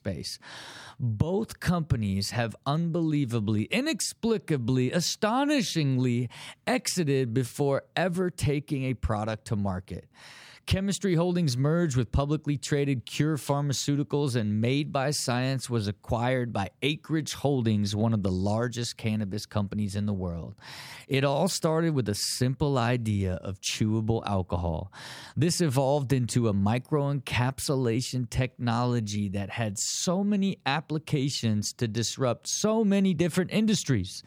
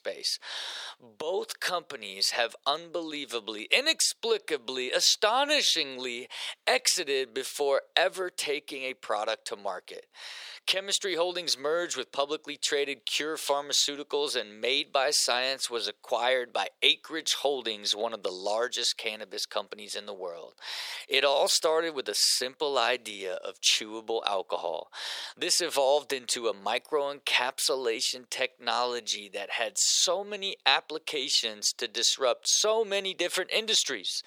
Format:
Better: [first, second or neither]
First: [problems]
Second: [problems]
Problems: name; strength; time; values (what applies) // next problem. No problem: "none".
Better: first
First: none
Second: thin; very; fading below 450 Hz